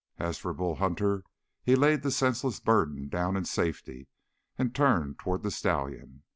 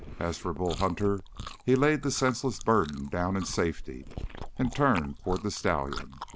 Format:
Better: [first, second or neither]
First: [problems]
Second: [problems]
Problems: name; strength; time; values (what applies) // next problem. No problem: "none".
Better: first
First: none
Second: noise reduction (neural mask model Resemble Enhance denoiser)